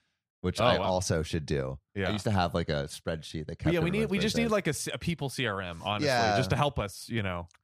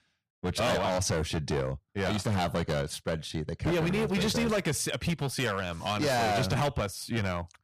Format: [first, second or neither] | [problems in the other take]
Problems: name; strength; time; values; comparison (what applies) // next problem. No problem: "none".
first | distortion; heavy; 16% of the sound clipped